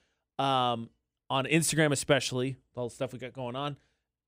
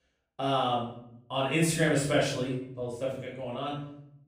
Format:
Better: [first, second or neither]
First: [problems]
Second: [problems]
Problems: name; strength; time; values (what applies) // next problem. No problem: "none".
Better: first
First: none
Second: off-mic speech; far // room echo; noticeable; dies away in 0.6 s